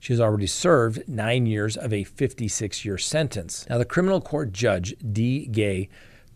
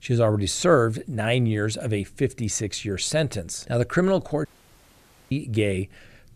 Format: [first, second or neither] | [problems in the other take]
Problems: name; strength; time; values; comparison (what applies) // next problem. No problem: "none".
first | audio cutting out; at 4.5 s for 1 s